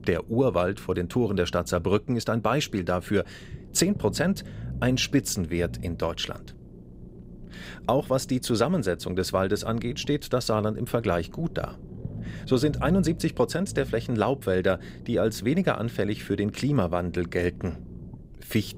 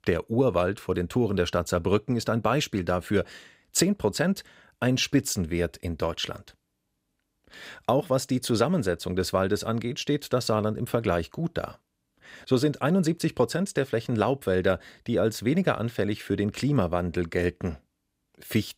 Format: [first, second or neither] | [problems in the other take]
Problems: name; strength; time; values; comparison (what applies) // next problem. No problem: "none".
second | low rumble; faint; throughout; 20 dB below the speech